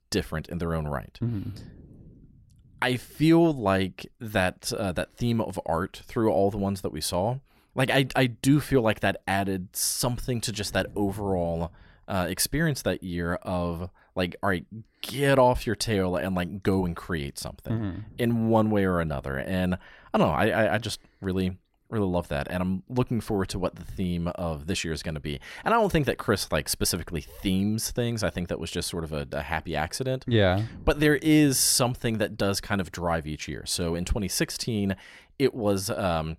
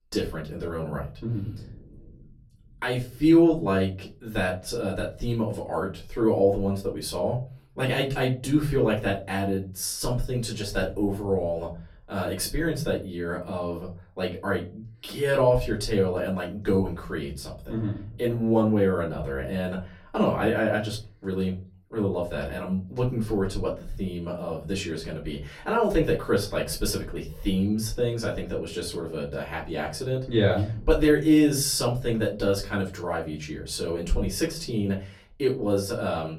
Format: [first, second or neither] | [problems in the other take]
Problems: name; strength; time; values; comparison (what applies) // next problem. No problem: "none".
first | off-mic speech; far // room echo; very slight; dies away in 0.3 s